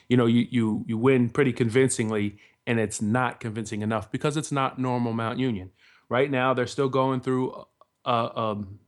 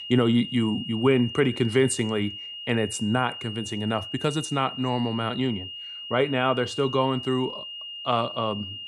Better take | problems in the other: first | high-pitched whine; loud; throughout; 3 kHz, 9 dB below the speech

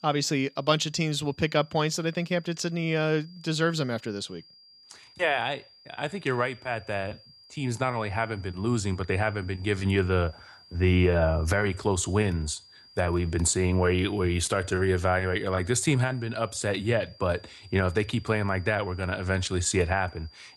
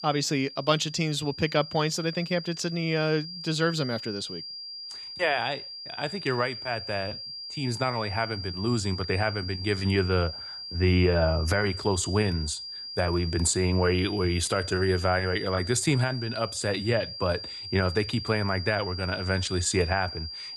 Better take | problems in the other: first | high-pitched whine; loud; throughout; 5 kHz, 9 dB below the speech; faint in the first

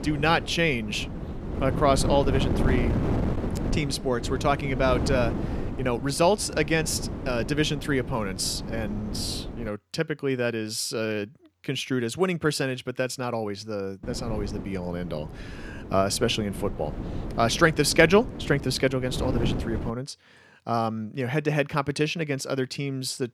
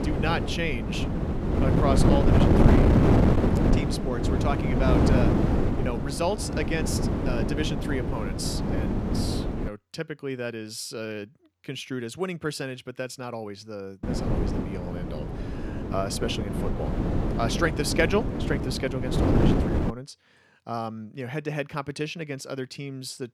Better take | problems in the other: first | wind noise on the microphone; heavy; until 9.5 s and from 14 to 20 s; 1 dB above the speech; occasional gusts in the first

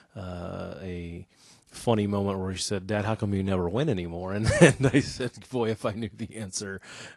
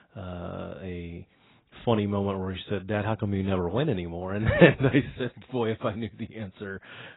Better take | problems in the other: first | garbled, watery; badly; nothing above 4 kHz; slightly in the first

